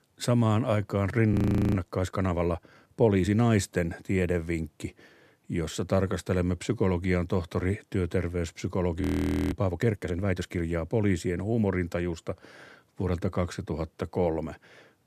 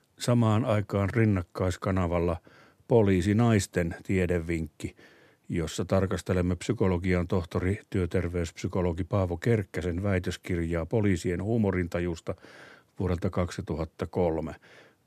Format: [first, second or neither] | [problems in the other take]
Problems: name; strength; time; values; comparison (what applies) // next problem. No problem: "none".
second | audio freezing; at 1.5 s and at 9 s for 0.5 s